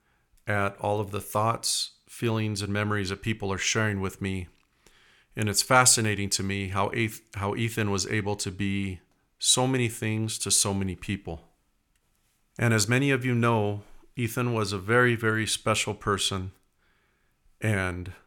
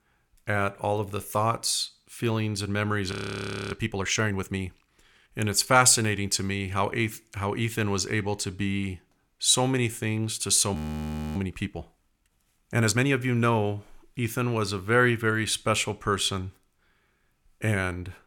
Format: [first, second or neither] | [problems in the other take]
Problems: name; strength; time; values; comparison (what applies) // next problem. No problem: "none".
first | audio freezing; at 3 s for 0.5 s and at 11 s for 0.5 s